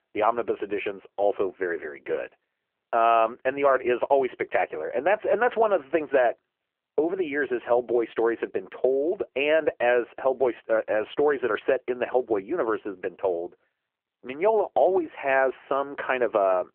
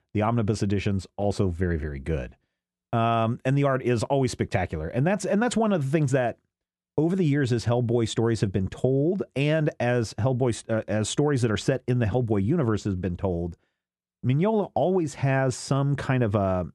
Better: second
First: phone-call audio; poor line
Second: none

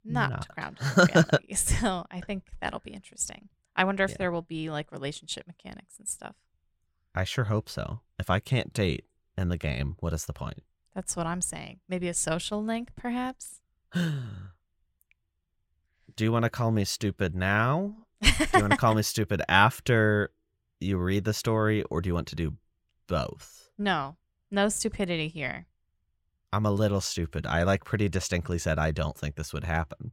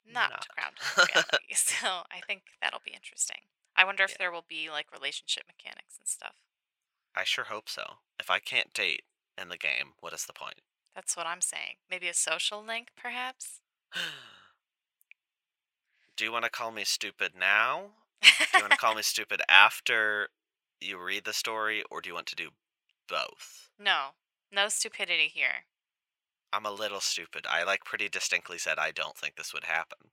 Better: first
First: none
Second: thin; very; fading below 800 Hz

